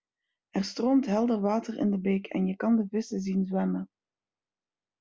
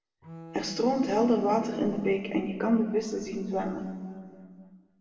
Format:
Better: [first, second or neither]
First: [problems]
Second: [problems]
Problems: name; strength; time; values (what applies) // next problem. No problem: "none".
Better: first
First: none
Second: background sound (Bowed string instrument); 15 dB below the speech // room echo; dies away in 2 s